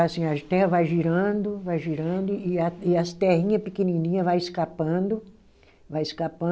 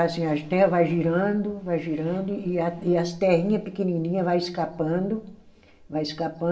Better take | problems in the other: first | room echo; dies away in 0.7 s

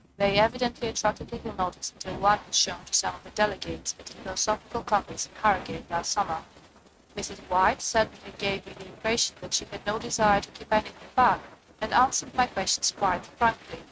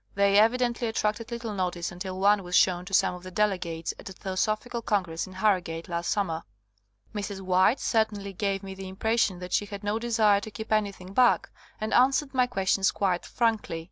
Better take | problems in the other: second | noise reduction (neural mask model RNNoise)

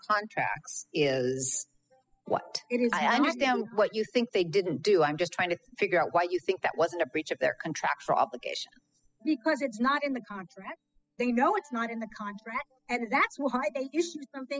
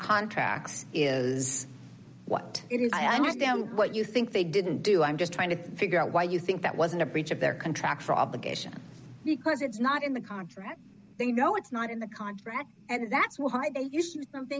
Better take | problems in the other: second | noise reduction (classical method spectral subtraction)

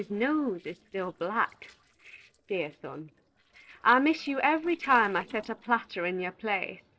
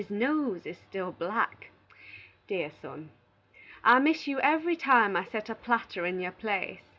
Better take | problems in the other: second | noise reduction (neural separator model SepFormer DNS4)

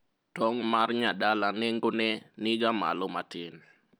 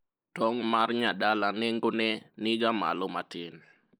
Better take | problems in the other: first | noise reduction (neural mask model Resemble Enhance denoiser)

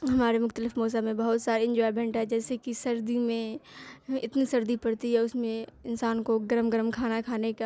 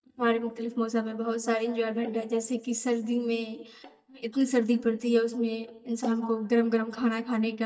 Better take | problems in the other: first | noise reduction (neural mask model DeepFilterNet 3)

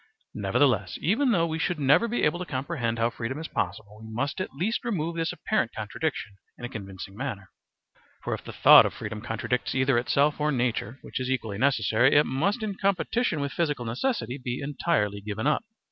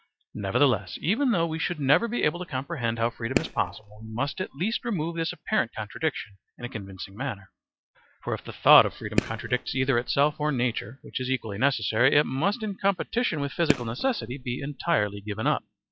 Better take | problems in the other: first | noise reduction (classical method log-MMSE)

